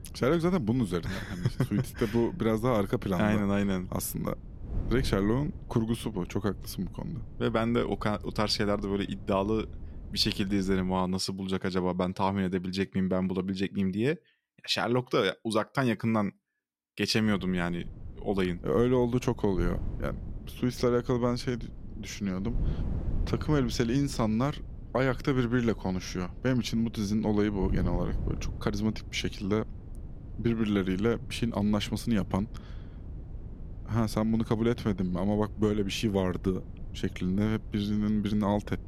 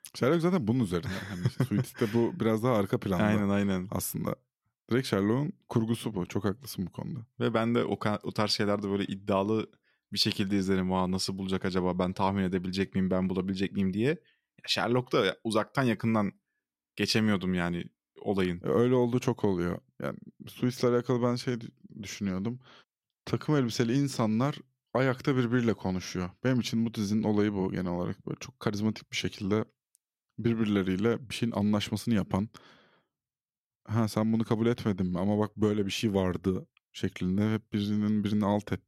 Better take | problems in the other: second | wind noise on the microphone; occasional gusts; until 11 s and from 17 s on; 20 dB below the speech

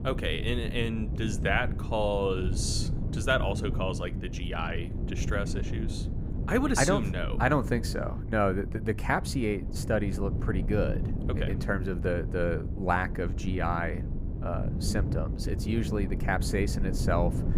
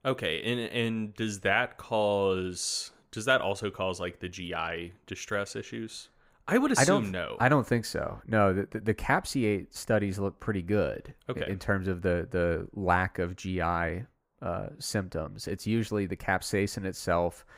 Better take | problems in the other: second | wind noise on the microphone; occasional gusts; 10 dB below the speech

